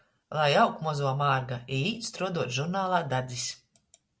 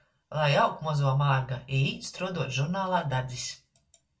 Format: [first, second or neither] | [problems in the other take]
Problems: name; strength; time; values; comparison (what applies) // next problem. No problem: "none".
first | room echo; dies away in 0.2 s